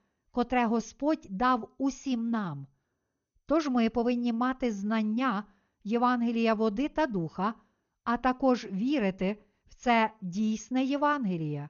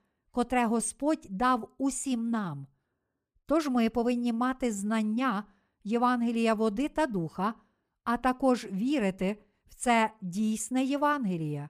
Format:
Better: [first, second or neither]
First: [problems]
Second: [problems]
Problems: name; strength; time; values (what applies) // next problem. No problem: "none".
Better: second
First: garbled, watery; slightly; nothing above 6.5 kHz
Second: none